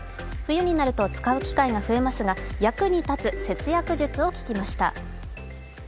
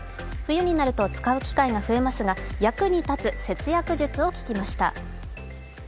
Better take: second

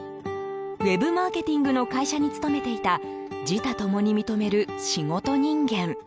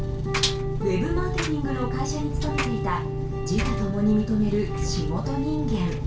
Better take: first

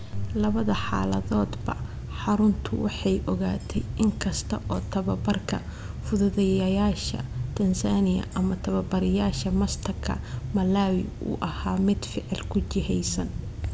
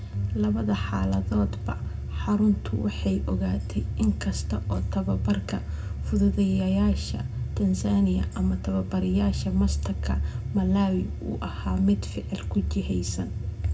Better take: first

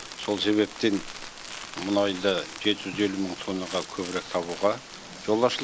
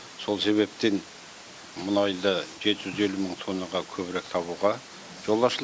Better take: second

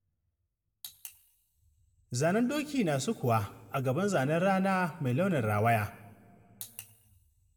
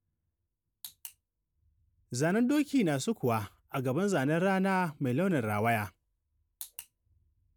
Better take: second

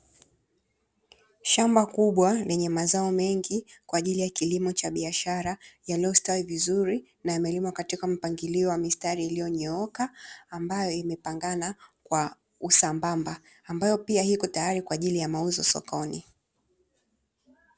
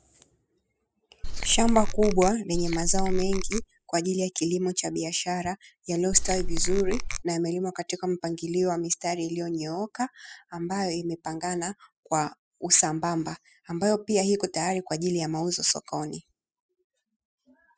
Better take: first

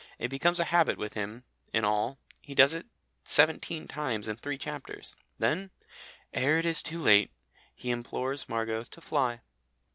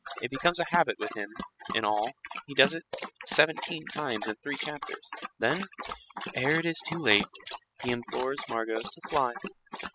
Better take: first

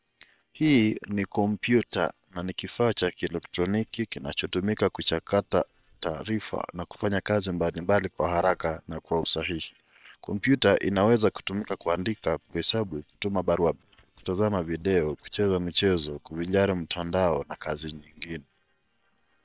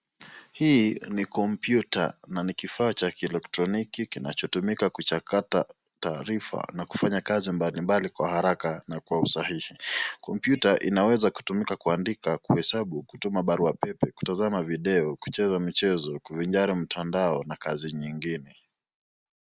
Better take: second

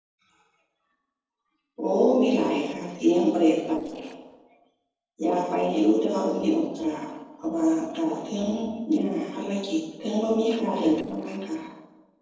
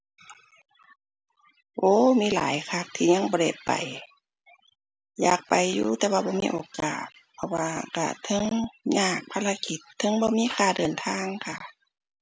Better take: second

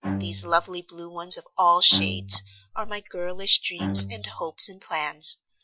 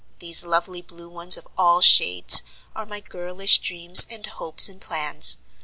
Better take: second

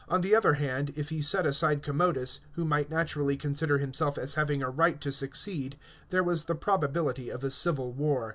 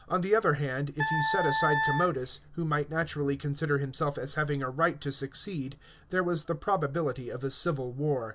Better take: first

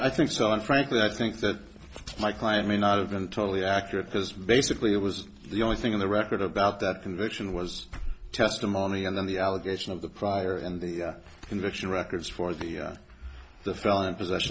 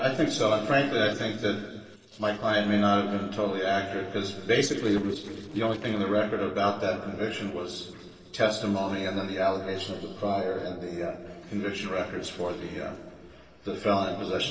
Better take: first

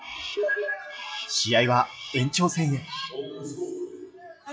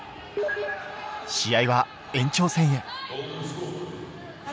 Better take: second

